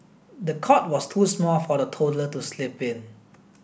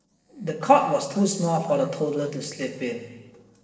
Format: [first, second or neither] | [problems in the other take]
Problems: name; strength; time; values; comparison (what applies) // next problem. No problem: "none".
first | noise reduction (neural separator model SepFormer DNS4)